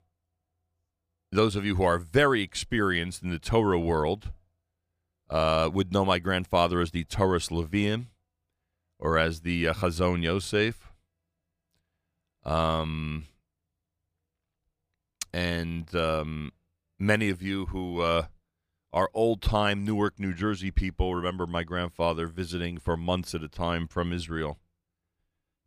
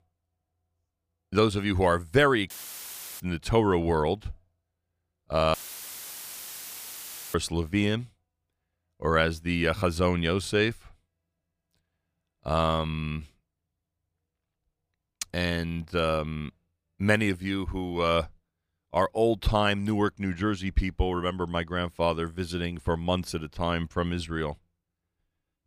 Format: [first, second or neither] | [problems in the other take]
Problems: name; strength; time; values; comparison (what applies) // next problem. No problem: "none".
first | audio cutting out; filled with static; at 2.5 s for 0.5 s and at 5.5 s for 2 s